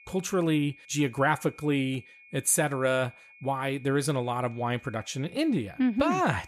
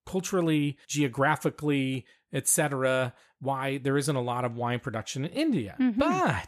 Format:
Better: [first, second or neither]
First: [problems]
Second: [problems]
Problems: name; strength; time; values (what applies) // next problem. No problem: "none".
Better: second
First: high-pitched whine; faint; throughout; 2.5 kHz, 25 dB below the speech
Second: none